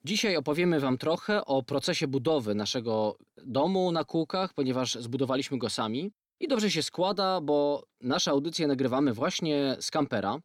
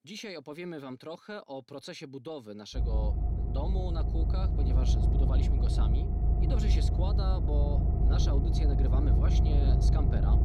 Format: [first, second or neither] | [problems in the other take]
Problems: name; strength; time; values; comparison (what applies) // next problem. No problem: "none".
first | low rumble; loud; from 3 s on; as loud as the speech